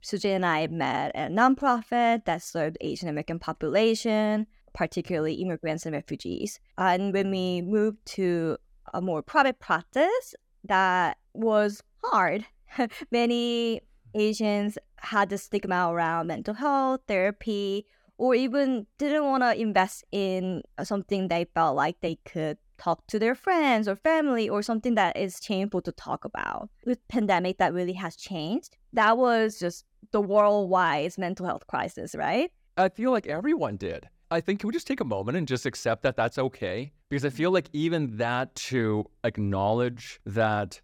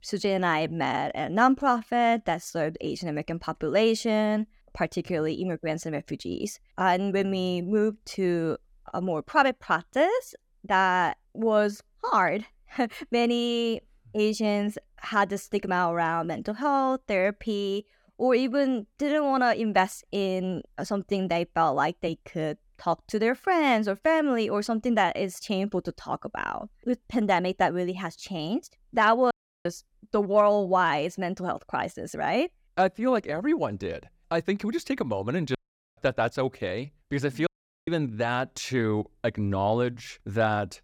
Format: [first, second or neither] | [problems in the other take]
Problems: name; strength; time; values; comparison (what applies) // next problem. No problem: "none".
first | audio cutting out; at 29 s, at 36 s and at 37 s